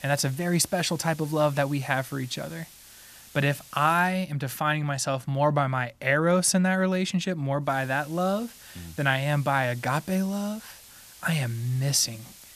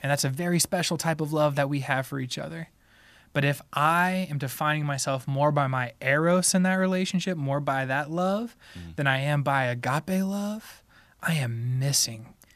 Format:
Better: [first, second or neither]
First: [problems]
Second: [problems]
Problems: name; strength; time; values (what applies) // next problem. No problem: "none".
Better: second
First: hiss; faint; until 4 s and from 7.5 s on; 20 dB below the speech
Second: none